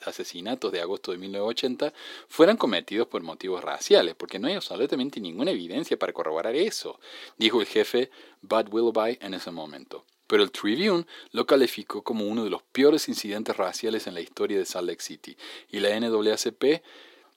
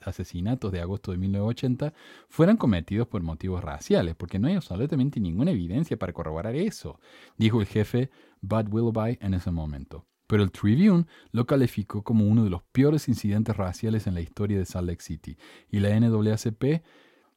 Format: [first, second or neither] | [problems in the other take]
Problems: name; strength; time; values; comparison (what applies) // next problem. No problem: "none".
second | thin; somewhat; fading below 350 Hz